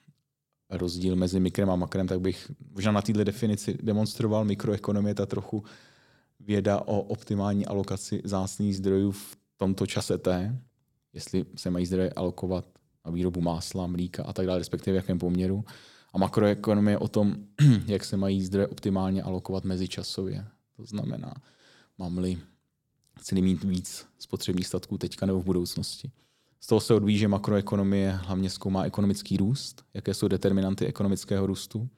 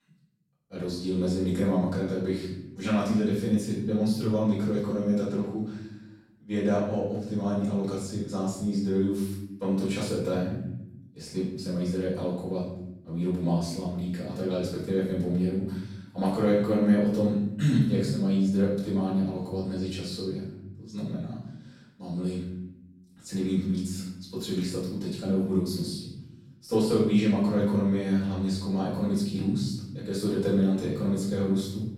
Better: first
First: none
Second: off-mic speech; far // room echo; noticeable; dies away in 0.8 s

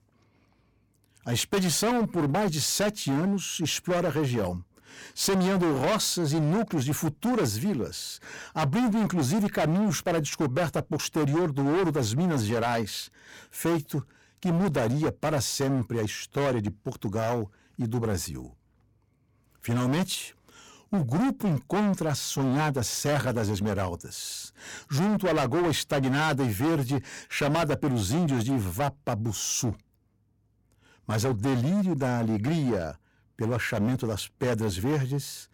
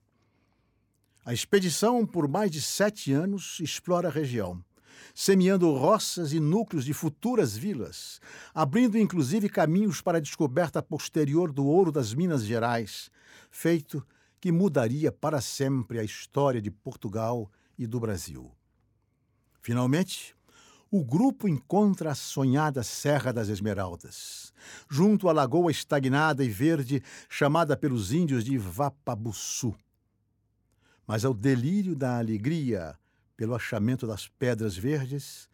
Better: second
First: distortion; heavy; 19% of the sound clipped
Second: none

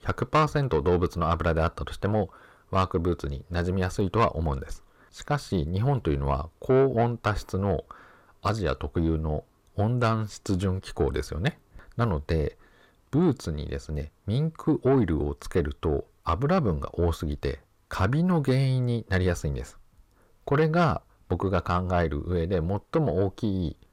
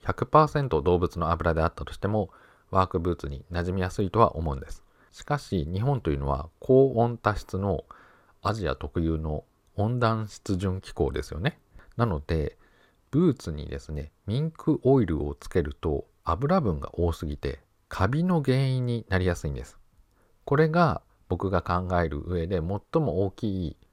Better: second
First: distortion; slight; 10 dB below the speech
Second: none

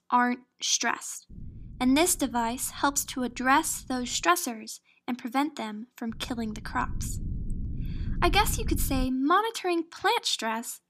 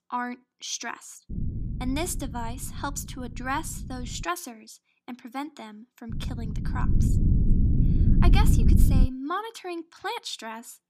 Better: first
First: low rumble; faint; from 1.5 to 4 s and from 6 to 9 s; 25 dB below the speech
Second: low rumble; loud; from 1.5 to 4 s and from 6 to 9 s; 4 dB below the speech

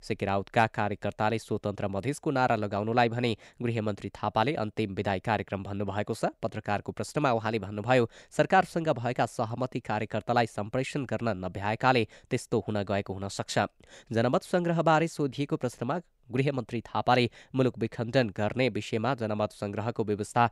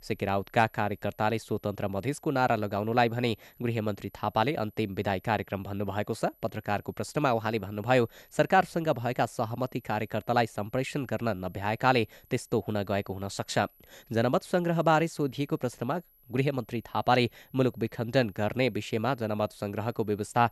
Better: first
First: none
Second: high-pitched whine; faint; throughout; 12 kHz, 30 dB below the speech

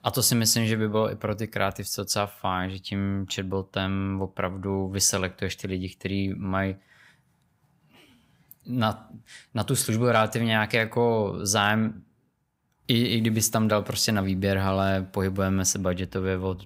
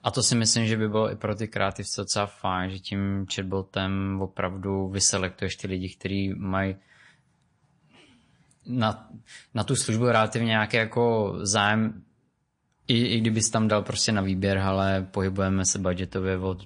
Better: first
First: none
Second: garbled, watery; slightly; nothing above 8 kHz

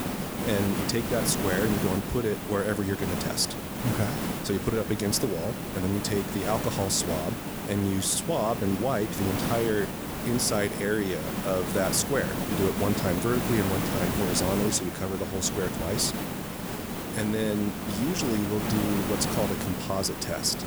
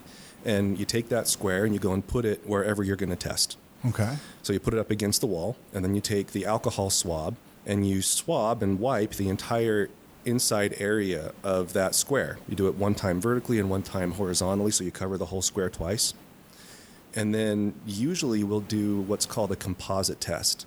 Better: second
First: hiss; loud; throughout; 3 dB below the speech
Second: hiss; faint; throughout; 25 dB below the speech

